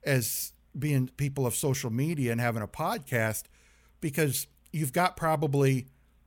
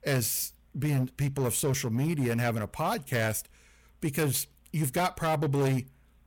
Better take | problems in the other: first | distortion; slight; 10% of the sound clipped

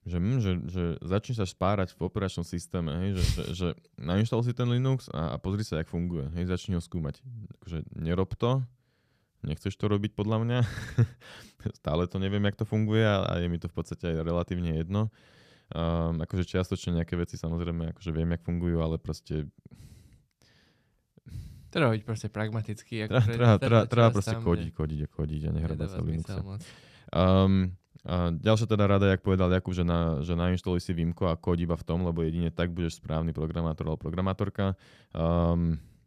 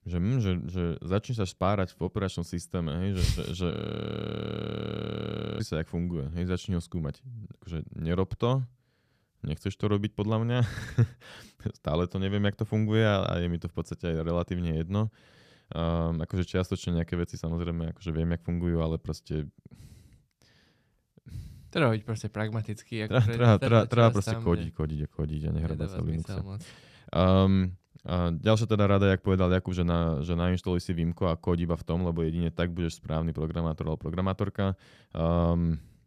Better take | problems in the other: first | audio freezing; at 3.5 s for 2 s

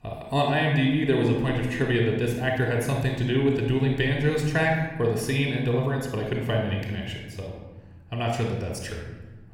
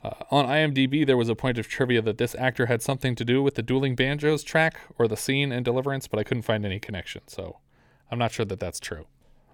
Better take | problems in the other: second | off-mic speech; somewhat distant // room echo; noticeable; dies away in 1.2 s

